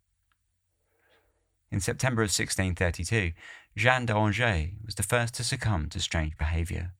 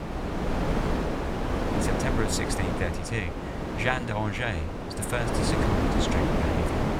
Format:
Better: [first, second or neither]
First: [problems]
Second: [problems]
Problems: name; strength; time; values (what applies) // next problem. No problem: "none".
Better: first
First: none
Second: wind noise on the microphone; heavy; 1 dB above the speech